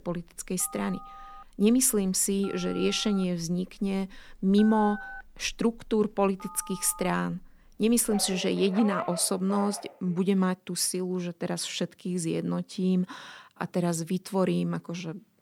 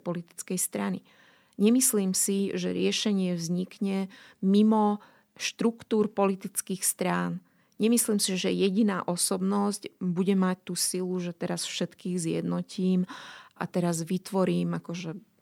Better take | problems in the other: second | alarms or sirens; noticeable; until 10 s; 15 dB below the speech

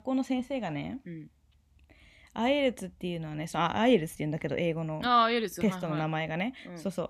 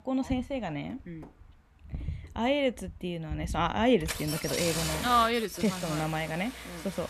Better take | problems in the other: first | traffic noise; loud; throughout; 7 dB below the speech

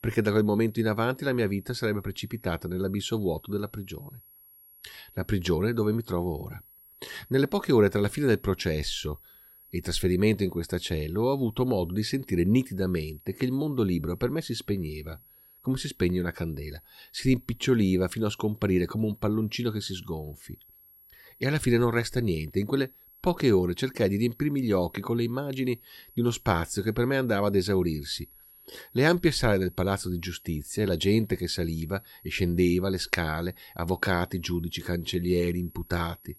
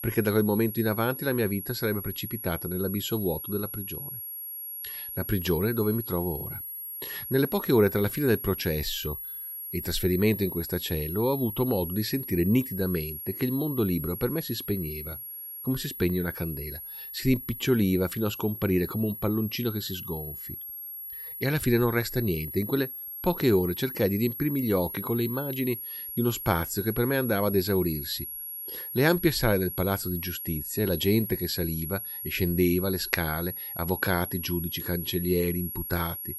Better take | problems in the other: first | high-pitched whine; loud; throughout; 11.5 kHz, 7 dB below the speech; faint in the first

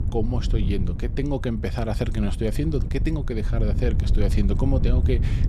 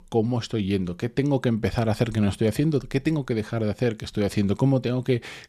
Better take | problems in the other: second | wind noise on the microphone; occasional gusts; 10 dB below the speech

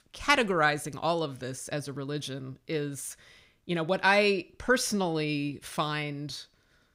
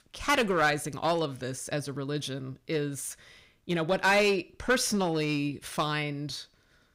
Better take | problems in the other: first | distortion; slight; 3% of the sound clipped

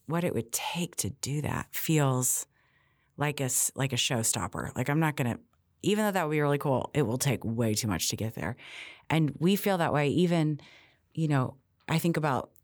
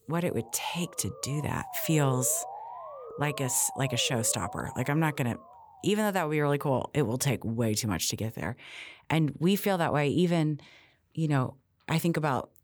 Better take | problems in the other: first | siren; noticeable; until 6 s; peak 10 dB below the speech

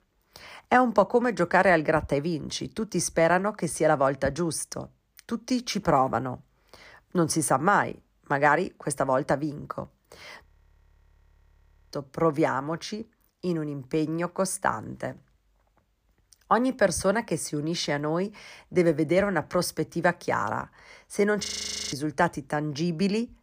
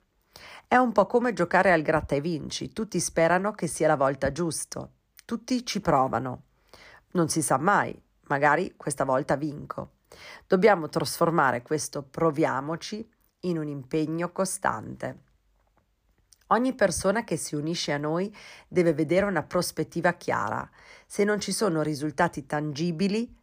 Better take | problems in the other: second | audio freezing; at 10 s for 1.5 s and at 21 s

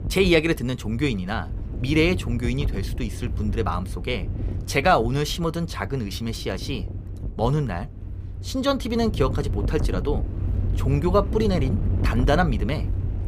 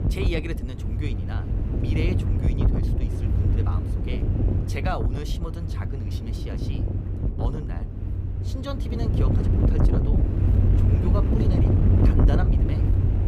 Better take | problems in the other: first | wind noise on the microphone; heavy; 2 dB above the speech; occasional gusts in the first

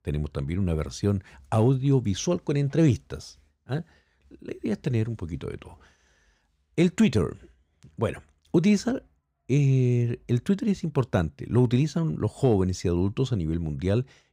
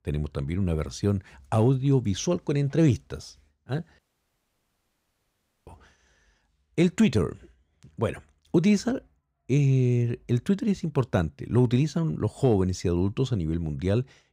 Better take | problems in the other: first | audio cutting out; at 4 s for 1.5 s

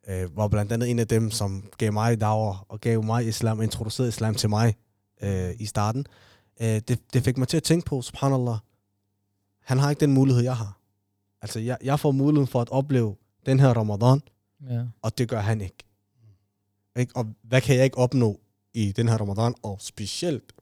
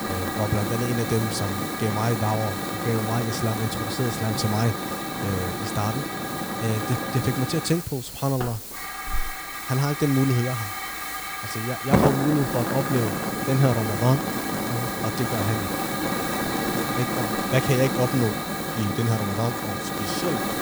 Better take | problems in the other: first | hiss; loud; throughout; 1 dB below the speech

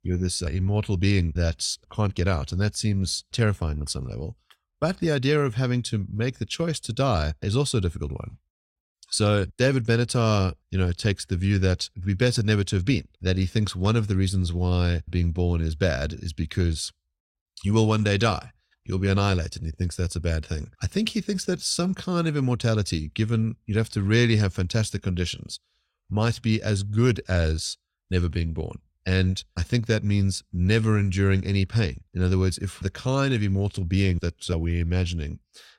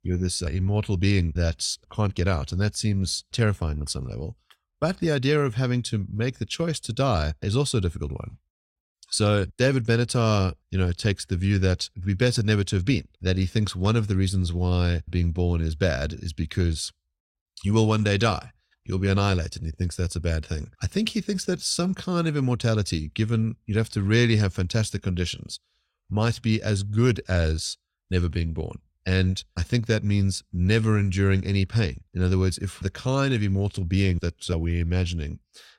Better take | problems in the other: neither | none

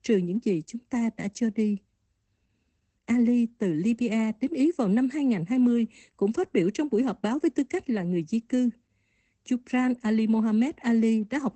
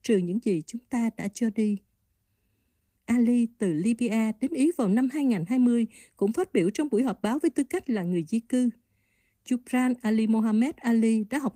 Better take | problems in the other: second | garbled, watery; badly; nothing above 8 kHz; slightly in the second

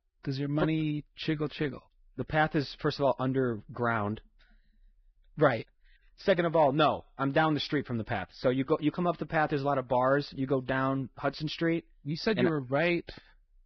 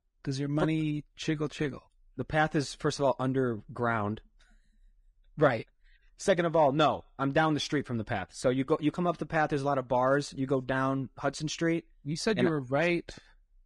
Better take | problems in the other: second | garbled, watery; badly; nothing above 5.5 kHz; slightly in the second

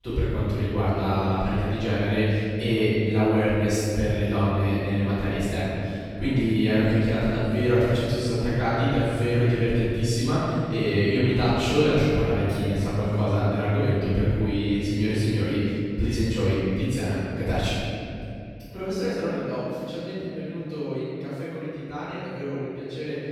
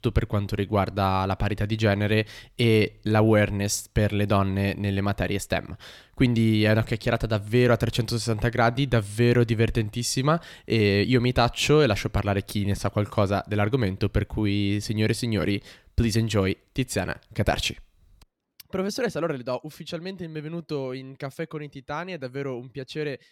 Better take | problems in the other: second | off-mic speech; far // room echo; strong; dies away in 3 s

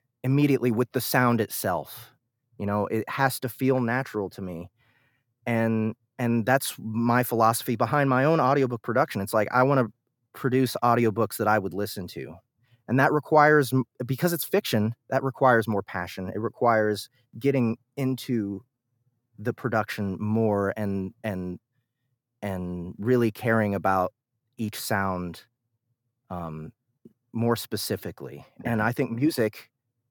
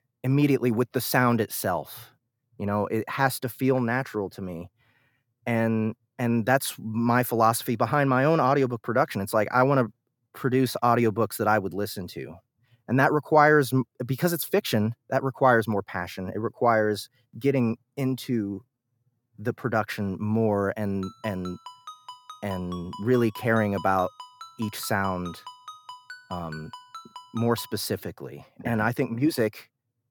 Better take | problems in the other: first | phone ringing; faint; from 21 to 28 s; peak 15 dB below the speech

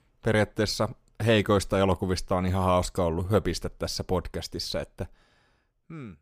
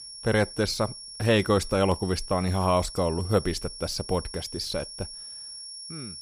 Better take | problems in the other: first | high-pitched whine; noticeable; throughout; 5.5 kHz, 10 dB below the speech

